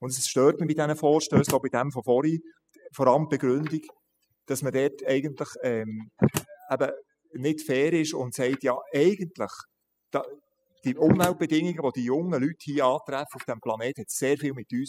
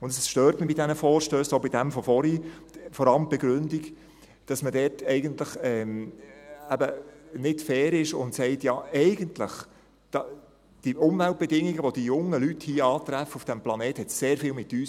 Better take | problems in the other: second | noise reduction (classical method spectral subtraction)

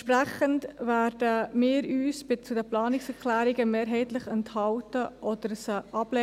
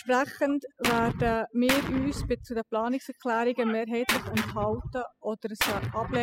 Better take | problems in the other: first | noise reduction (classical method spectral subtraction)

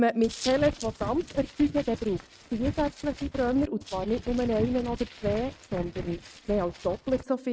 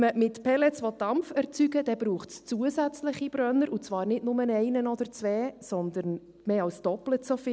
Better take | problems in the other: second | noise reduction (neural mask model RNNoise)

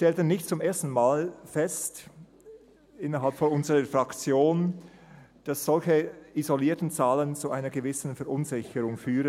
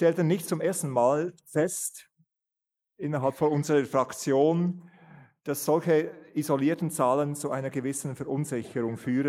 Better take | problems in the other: first | noise reduction (neural mask model Resemble Enhance denoiser)

